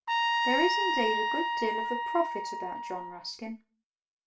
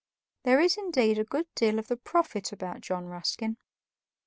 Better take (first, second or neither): second